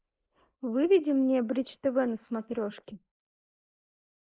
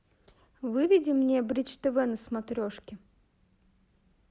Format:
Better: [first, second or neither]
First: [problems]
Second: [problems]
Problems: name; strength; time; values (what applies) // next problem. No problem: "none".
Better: second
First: noise reduction (neural mask model Resemble Enhance denoiser)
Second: none